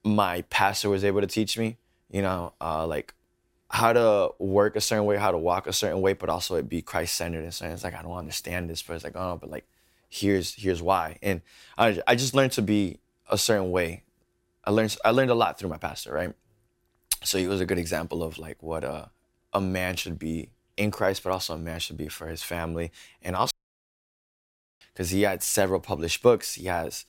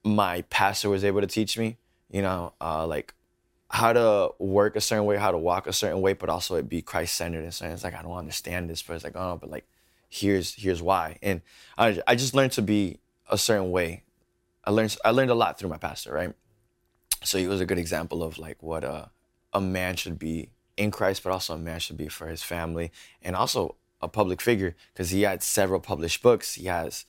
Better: second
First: audio cutting out; at 24 s for 1.5 s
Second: none

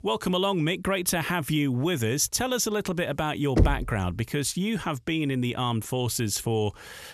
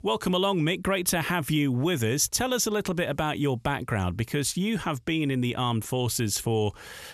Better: second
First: door banging; loud; at 3.5 s; peak 2 dB above the speech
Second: none

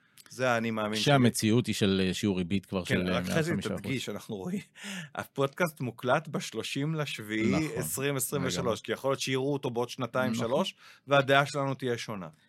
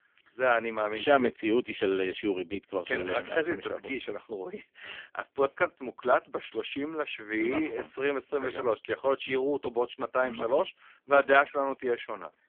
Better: first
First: none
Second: phone-call audio; poor line; nothing above 3.5 kHz

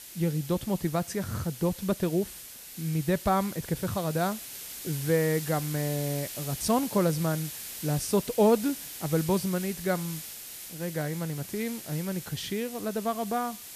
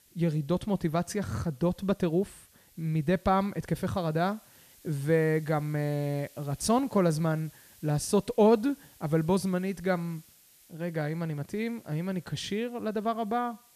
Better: second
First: hiss; loud; throughout; 9 dB below the speech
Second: hiss; faint; throughout; 25 dB below the speech

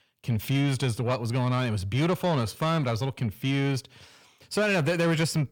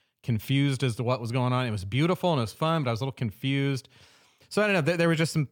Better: second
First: distortion; slight; 10 dB below the speech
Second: none

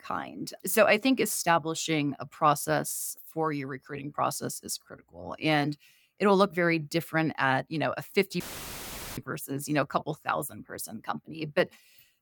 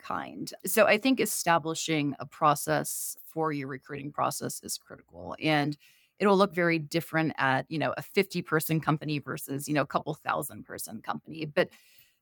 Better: second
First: audio cutting out; filled with static; at 8.5 s for 1 s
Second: none

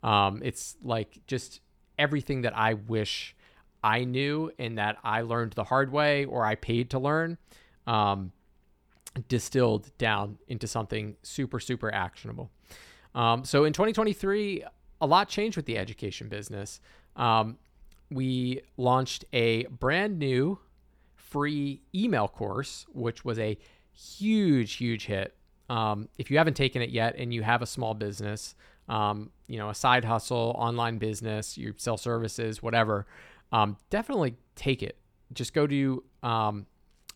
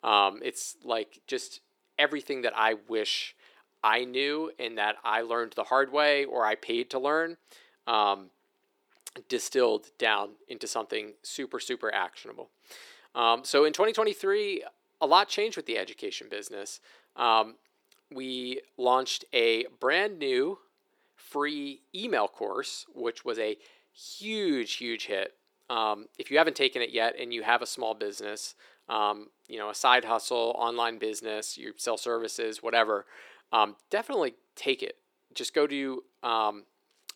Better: first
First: none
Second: thin; somewhat; fading below 350 Hz

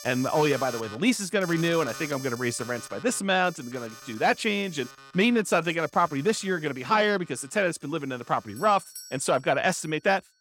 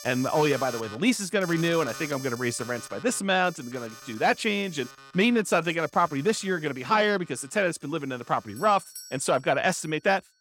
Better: neither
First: alarms or sirens; noticeable; throughout; 15 dB below the speech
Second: alarms or sirens; noticeable; throughout; 15 dB below the speech

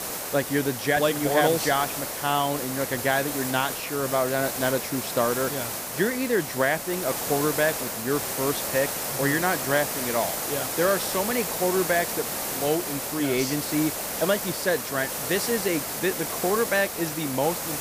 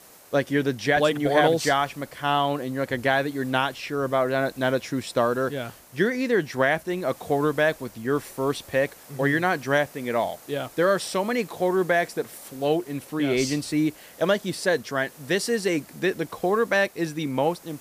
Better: second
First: hiss; loud; throughout; 3 dB below the speech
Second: hiss; faint; throughout; 25 dB below the speech

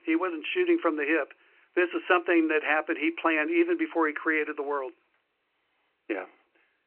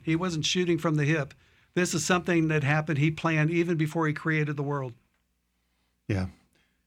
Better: second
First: phone-call audio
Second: none

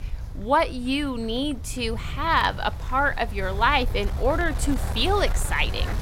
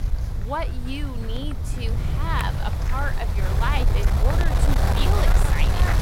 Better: first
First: wind noise on the microphone; occasional gusts; 15 dB below the speech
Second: wind noise on the microphone; heavy; 1 dB below the speech

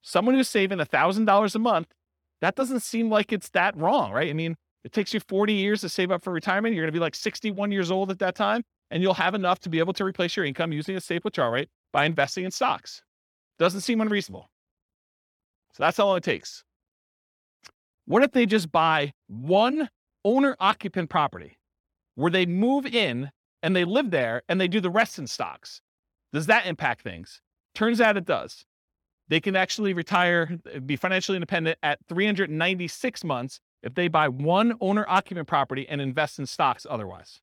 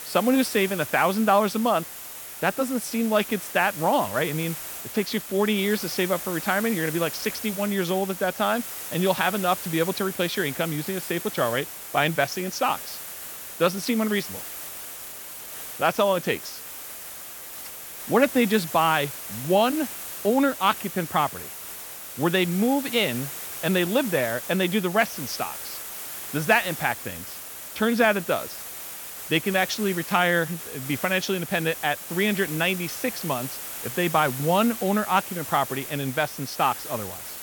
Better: first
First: none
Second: hiss; loud; throughout; 9 dB below the speech

